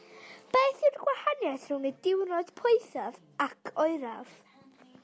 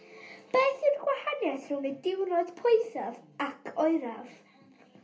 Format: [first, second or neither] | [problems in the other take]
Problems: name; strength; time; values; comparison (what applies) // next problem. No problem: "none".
first | room echo; dies away in 0.3 s